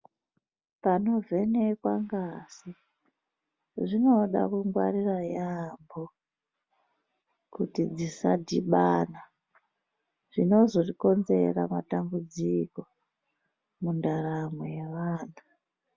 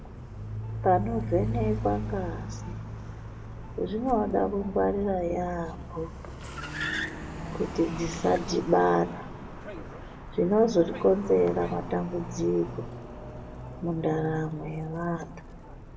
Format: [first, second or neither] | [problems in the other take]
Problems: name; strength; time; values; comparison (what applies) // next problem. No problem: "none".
first | background sound (Car); 8 dB below the speech // room echo; dies away in 1 s